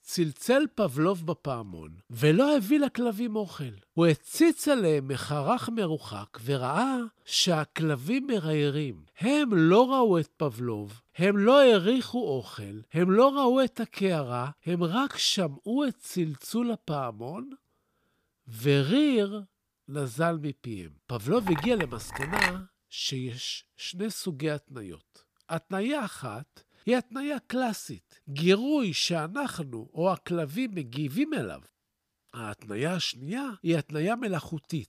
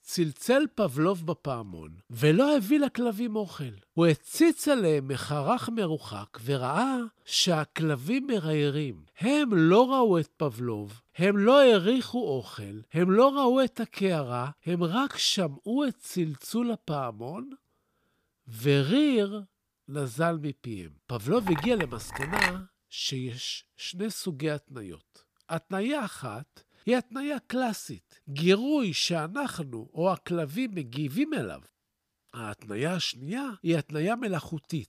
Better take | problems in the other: neither | clattering dishes; loud; from 21 to 23 s; peak 1 dB above the speech; the same in both

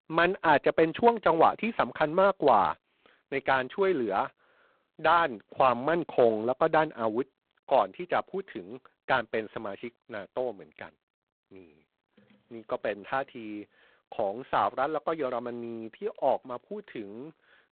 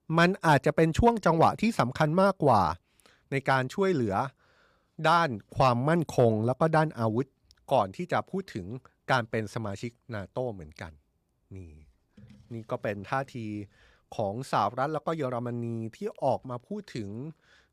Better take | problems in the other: second | phone-call audio; poor line; nothing above 4 kHz

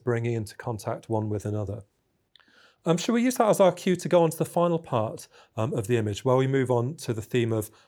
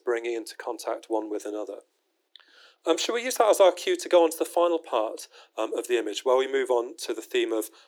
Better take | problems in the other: first | thin; very; fading below 300 Hz

